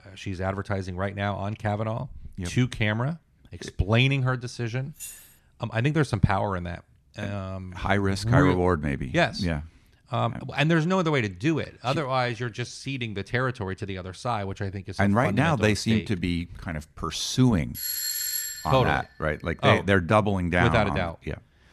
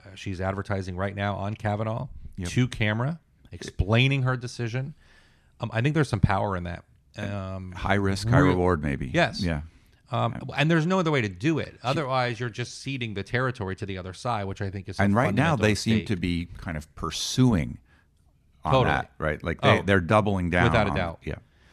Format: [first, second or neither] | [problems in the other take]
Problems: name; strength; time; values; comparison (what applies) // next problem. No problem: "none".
second | jangling keys; faint; at 5 s; peak 15 dB below the speech // doorbell; noticeable; from 18 to 19 s; peak level with the speech